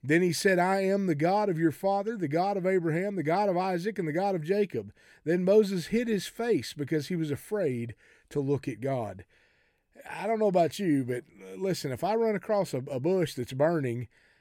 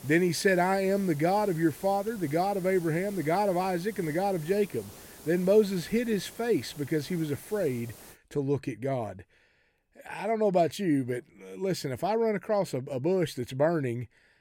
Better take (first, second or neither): first